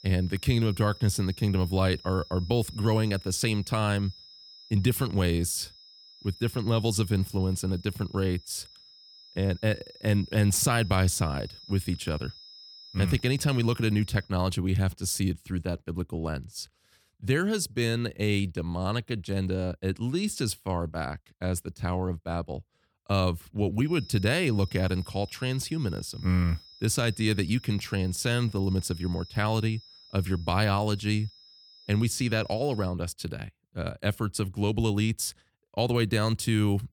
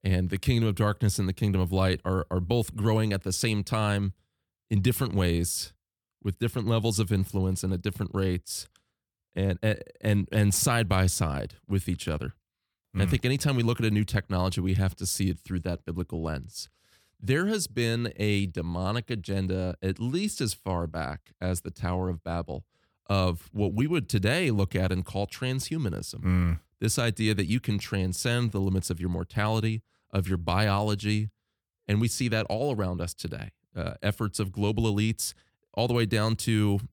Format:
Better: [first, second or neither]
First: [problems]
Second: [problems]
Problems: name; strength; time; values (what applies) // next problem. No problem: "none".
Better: second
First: high-pitched whine; noticeable; until 14 s and from 24 to 33 s; 5 kHz, 20 dB below the speech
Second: none